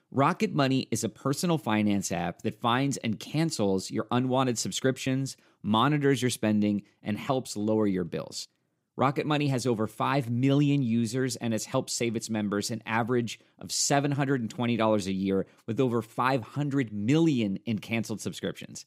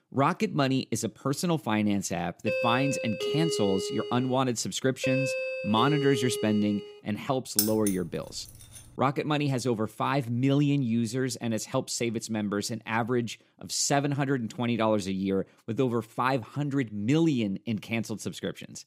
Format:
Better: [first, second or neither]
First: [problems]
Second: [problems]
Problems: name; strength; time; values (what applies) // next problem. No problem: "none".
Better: first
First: none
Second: doorbell; noticeable; from 2.5 to 7 s; peak level with the speech // jangling keys; loud; at 7.5 s; peak 1 dB above the speech